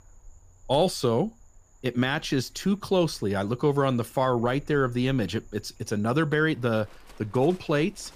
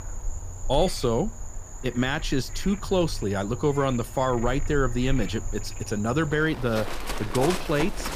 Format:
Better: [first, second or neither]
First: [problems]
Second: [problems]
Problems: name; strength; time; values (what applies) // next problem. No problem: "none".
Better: first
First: animal sounds; faint; throughout; 30 dB below the speech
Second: animal sounds; loud; throughout; 10 dB below the speech